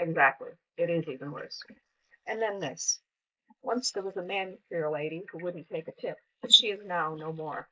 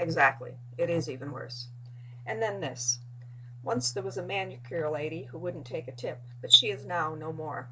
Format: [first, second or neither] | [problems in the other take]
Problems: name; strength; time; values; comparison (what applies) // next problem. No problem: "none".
second | noise reduction (neural mask model Resemble Enhance denoiser)